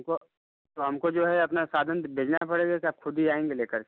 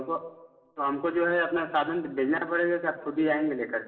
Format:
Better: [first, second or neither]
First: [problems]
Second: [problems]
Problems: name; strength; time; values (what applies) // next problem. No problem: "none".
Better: first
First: none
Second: room echo; dies away in 1.3 s